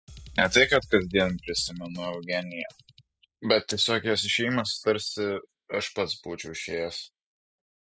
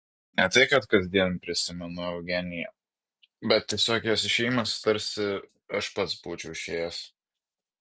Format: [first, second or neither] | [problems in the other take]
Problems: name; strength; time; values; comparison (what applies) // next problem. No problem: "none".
second | noise reduction (classical method spectral subtraction)